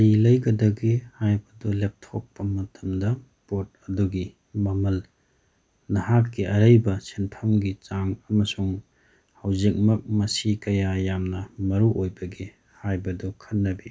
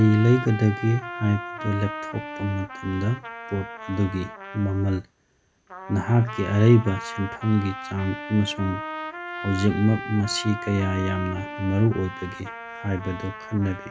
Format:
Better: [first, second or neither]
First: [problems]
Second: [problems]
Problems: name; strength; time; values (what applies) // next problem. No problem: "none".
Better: first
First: none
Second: background sound (Trumpet); 11 dB below the speech